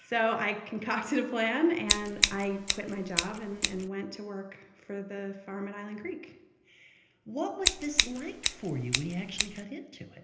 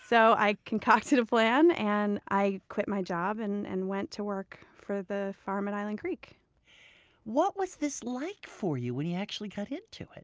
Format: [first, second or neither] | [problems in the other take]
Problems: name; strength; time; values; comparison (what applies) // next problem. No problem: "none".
second | background sound (Scissors); 2 dB above the speech // room echo; dies away in 0.8 s